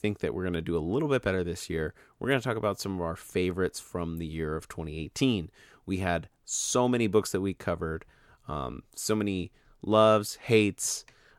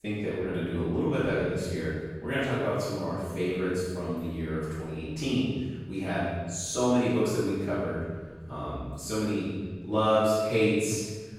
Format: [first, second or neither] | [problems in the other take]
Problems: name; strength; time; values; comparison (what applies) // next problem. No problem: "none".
first | off-mic speech; far // room echo; strong; dies away in 1.3 s